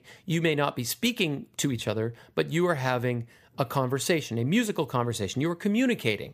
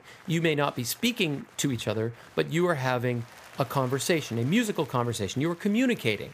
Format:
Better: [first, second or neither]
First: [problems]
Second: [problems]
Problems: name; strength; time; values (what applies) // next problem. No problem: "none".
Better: first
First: none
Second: crowd noise; faint; throughout; 20 dB below the speech